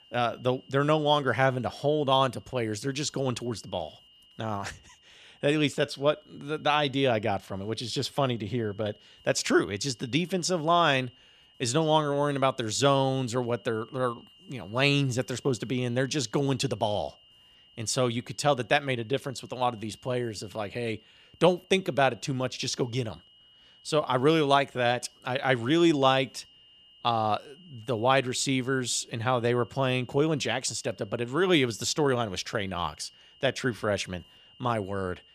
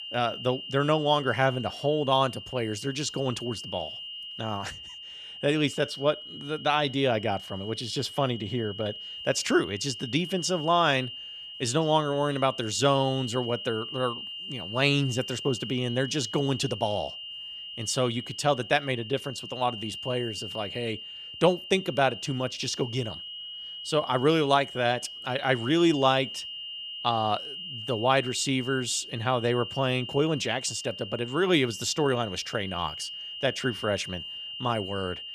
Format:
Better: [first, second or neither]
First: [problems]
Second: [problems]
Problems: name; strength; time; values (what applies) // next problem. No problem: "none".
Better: first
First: high-pitched whine; faint; throughout; 3 kHz, 30 dB below the speech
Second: high-pitched whine; loud; throughout; 3 kHz, 10 dB below the speech